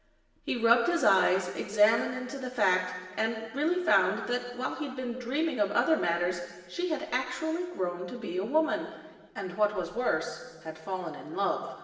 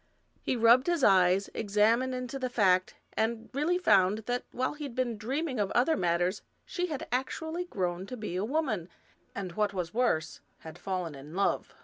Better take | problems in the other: second | room echo; dies away in 1.3 s

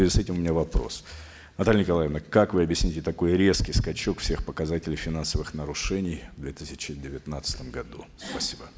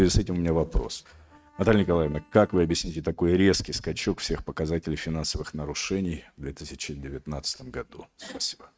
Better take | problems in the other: first | noise reduction (neural mask model RNNoise)

